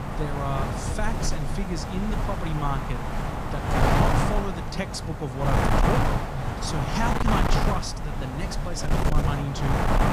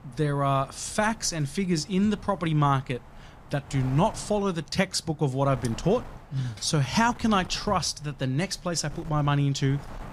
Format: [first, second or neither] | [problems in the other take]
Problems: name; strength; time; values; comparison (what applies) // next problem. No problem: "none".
second | wind noise on the microphone; heavy; 4 dB above the speech; occasional gusts in the second